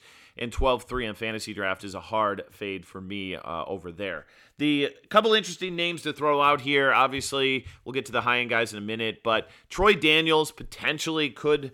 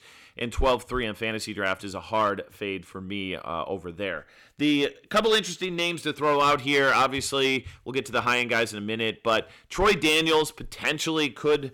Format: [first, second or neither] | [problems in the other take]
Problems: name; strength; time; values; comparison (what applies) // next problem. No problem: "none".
first | distortion; slight; 4% of the sound clipped